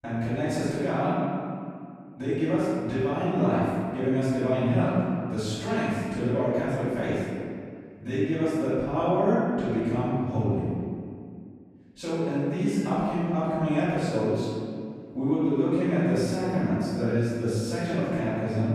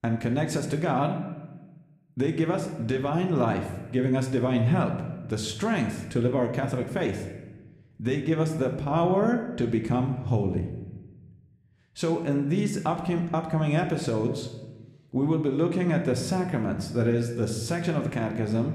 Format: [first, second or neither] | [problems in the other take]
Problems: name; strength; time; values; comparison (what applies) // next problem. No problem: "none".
second | room echo; strong; dies away in 2 s; slight in the second // off-mic speech; far